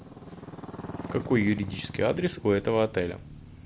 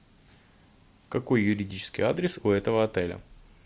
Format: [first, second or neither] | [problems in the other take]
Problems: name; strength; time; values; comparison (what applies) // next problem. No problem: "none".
second | background sound (Motorcycle); 12 dB below the speech